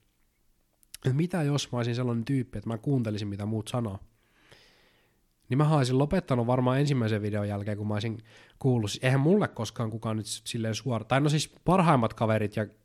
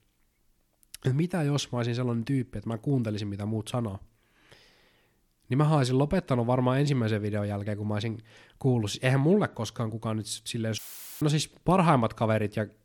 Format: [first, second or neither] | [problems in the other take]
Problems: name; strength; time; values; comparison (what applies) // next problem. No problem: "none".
first | audio cutting out; filled with static; at 11 s